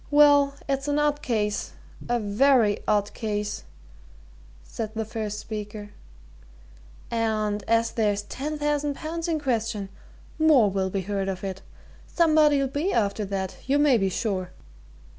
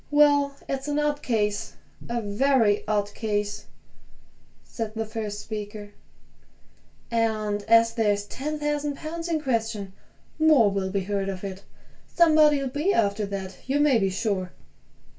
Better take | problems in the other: first | room echo; dies away in 0.2 s

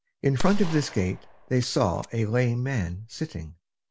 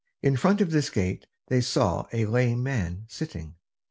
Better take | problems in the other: second | background sound (Gunshot, gunfire); 6 dB below the speech

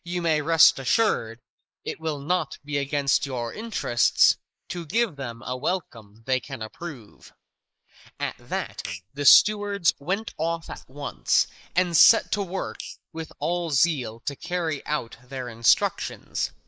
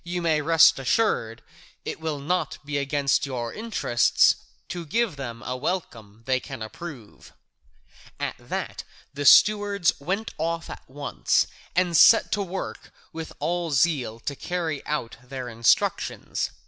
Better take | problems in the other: second | noise reduction (neural mask model Resemble Enhance denoiser)

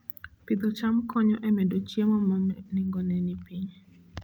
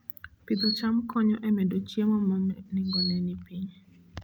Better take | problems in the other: first | background sound (Chirp, tweet); 9 dB below the speech

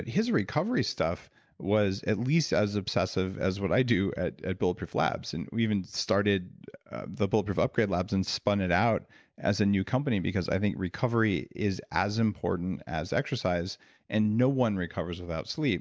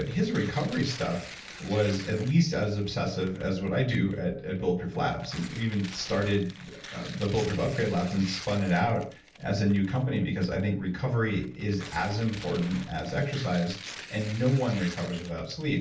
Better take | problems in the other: first | background sound (Tearing); 17 dB below the speech // room echo; dies away in 0.4 s

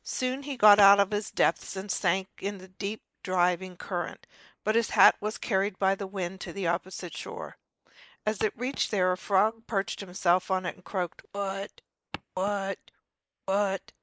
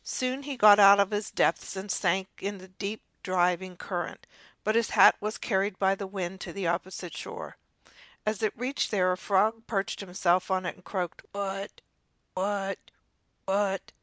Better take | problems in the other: second | noise reduction (neural mask model Resemble Enhance denoiser)

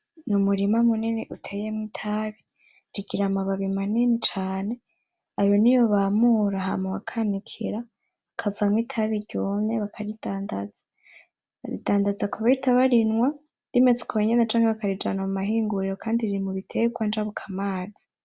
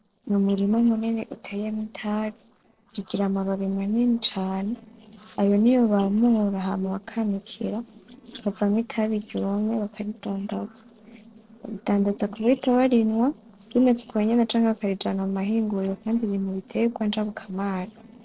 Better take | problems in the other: first | noise reduction (neural separator model SepFormer DNS4)

